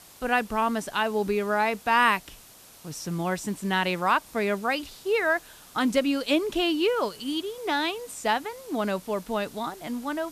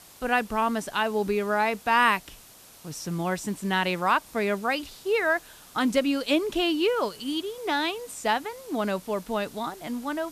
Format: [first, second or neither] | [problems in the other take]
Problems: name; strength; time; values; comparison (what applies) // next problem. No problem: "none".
neither | hiss; faint; throughout; 20 dB below the speech; the same in both